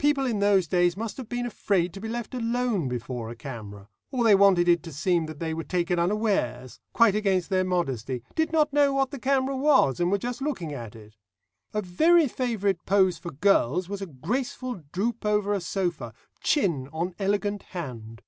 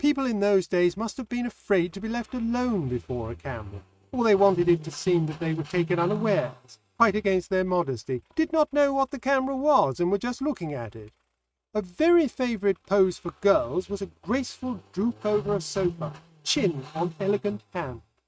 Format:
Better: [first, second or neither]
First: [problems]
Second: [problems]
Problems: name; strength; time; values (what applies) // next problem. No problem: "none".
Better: first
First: none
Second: noise reduction (neural mask model RNNoise)